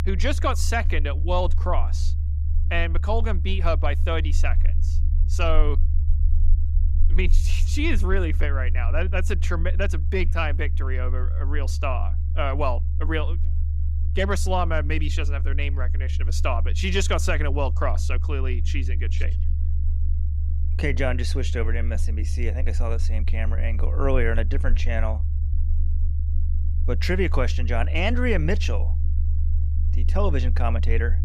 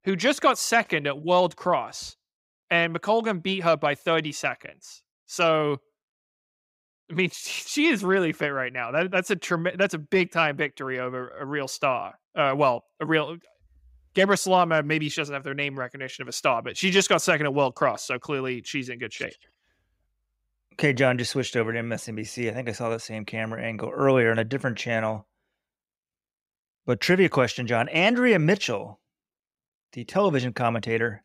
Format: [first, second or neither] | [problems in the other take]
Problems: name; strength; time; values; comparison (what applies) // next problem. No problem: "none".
second | low rumble; noticeable; throughout; 15 dB below the speech